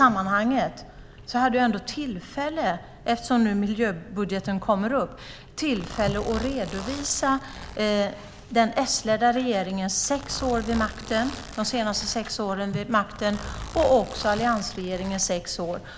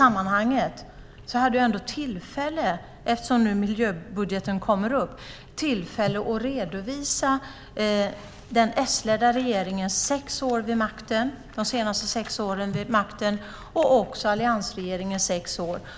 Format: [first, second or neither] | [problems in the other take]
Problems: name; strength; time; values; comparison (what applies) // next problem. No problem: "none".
second | background sound (Zipper (clothing)); 12 dB below the speech